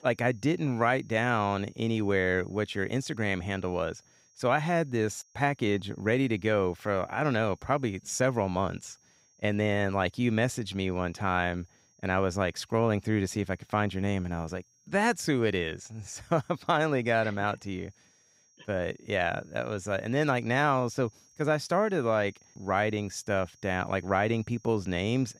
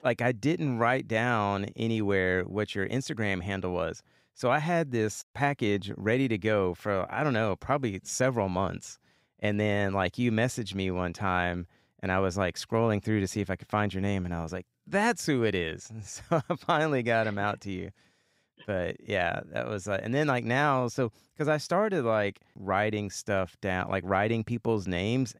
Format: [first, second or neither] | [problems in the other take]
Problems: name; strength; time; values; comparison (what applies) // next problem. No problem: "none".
second | high-pitched whine; faint; throughout; 5.5 kHz, 30 dB below the speech